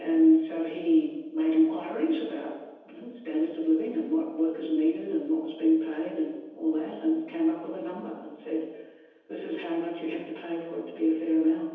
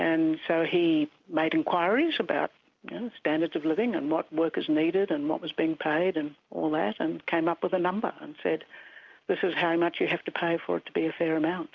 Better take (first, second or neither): second